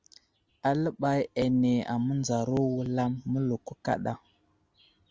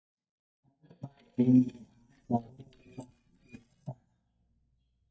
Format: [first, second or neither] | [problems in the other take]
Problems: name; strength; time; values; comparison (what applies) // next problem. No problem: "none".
first | noise reduction (neural mask model DeepFilterNet 3)